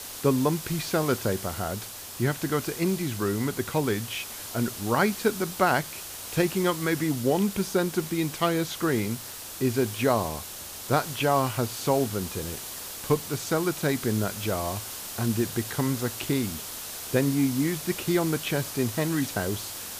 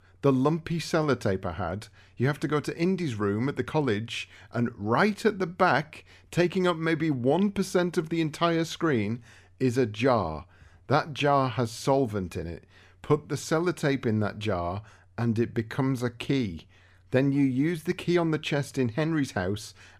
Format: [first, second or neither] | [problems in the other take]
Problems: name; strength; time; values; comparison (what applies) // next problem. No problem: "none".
second | hiss; loud; throughout; 8 dB below the speech